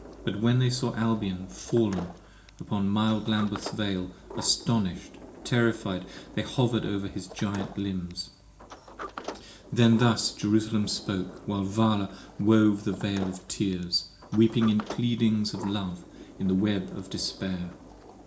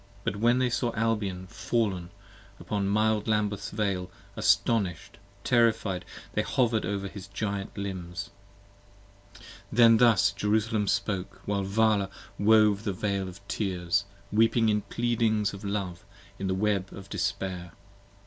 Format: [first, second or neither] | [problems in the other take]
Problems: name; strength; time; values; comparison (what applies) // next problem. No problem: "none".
second | background sound (Sliding door); 17 dB below the speech // room echo; dies away in 0.4 s